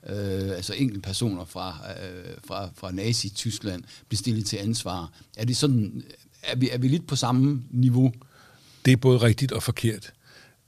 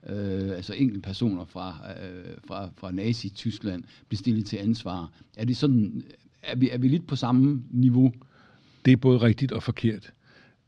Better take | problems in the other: first | muffled; very slightly; fading above 4 kHz

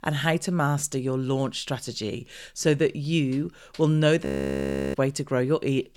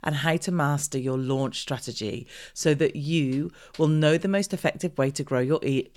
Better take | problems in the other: second | audio freezing; at 4.5 s for 0.5 s

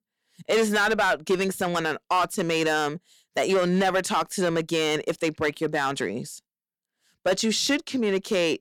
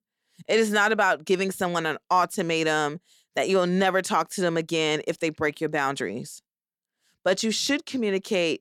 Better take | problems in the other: second | distortion; slight; 6% of the sound clipped

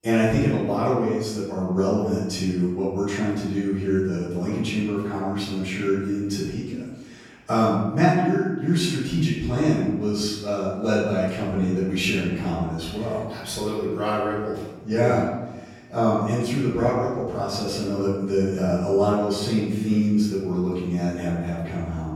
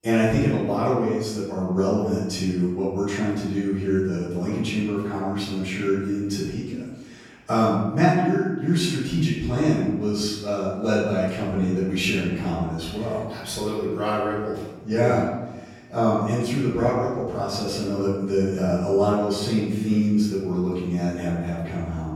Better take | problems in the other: neither | off-mic speech; far; the same in both // room echo; strong; dies away in 0.9 s; the same in both

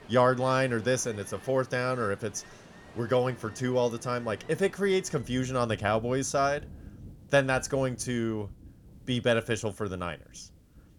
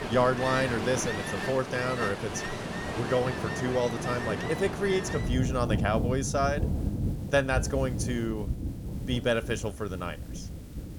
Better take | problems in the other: first | rain or running water; loud; throughout; 4 dB below the speech; faint in the first

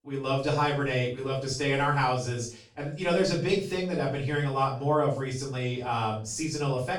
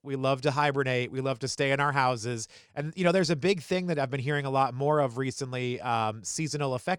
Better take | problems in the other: second | room echo; slight; dies away in 0.3 s // off-mic speech; far

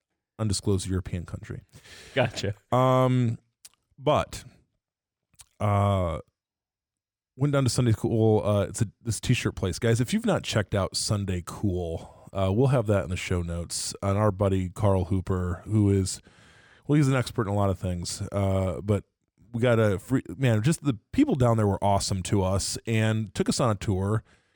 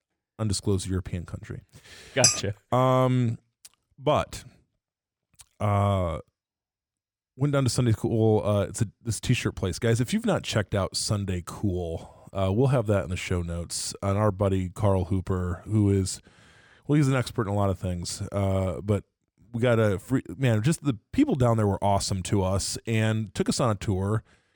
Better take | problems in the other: first | clattering dishes; loud; at 2 s; peak 5 dB above the speech

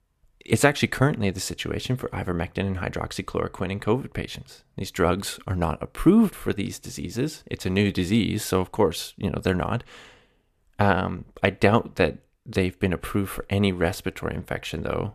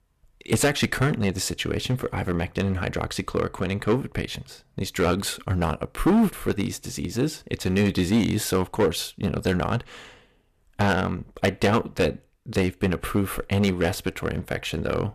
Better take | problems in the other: first | distortion; heavy; 5% of the sound clipped

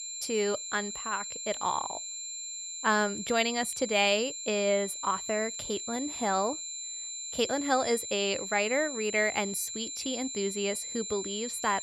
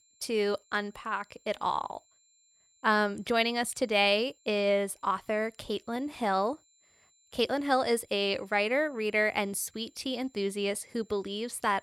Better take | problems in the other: second | high-pitched whine; loud; throughout; 7.5 kHz, 6 dB below the speech; faint in the second

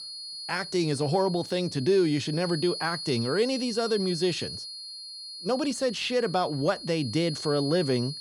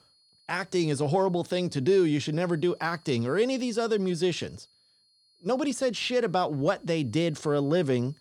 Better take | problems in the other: second | high-pitched whine; loud; throughout; 4.5 kHz, 9 dB below the speech; faint in the second

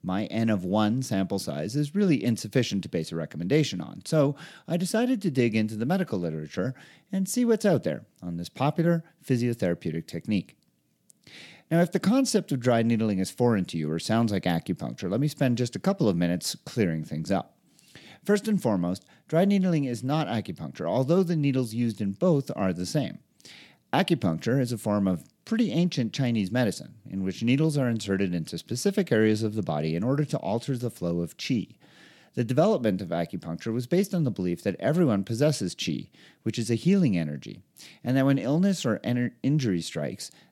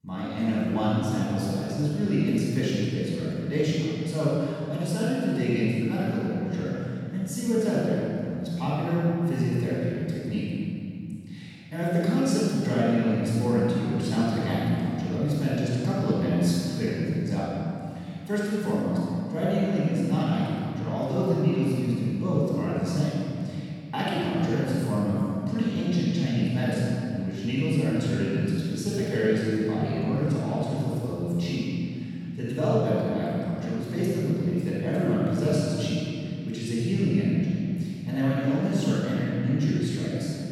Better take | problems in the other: first | room echo; strong; dies away in 2.6 s // off-mic speech; far

